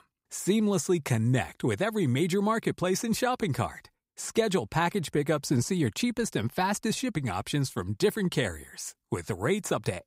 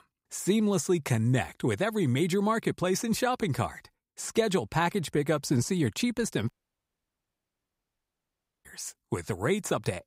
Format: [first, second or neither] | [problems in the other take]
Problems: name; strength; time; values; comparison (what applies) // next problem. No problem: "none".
first | audio cutting out; at 6.5 s for 2 s